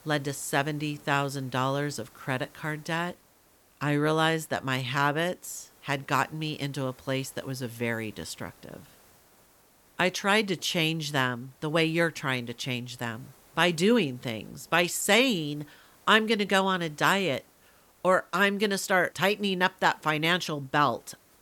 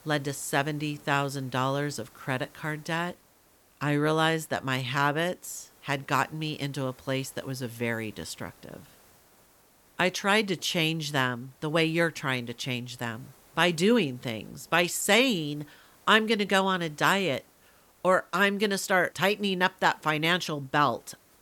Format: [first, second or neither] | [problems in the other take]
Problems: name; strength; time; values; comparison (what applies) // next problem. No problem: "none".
neither | hiss; faint; throughout; 30 dB below the speech; the same in both